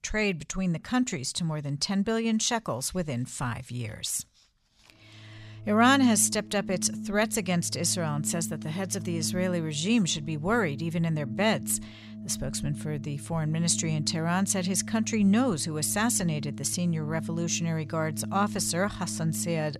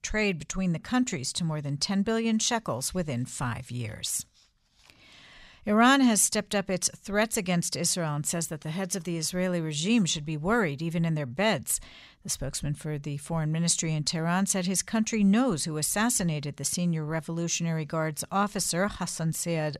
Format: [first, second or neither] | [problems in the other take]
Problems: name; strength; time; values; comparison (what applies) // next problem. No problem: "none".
second | background music; noticeable; from 5 s on; 10 dB below the speech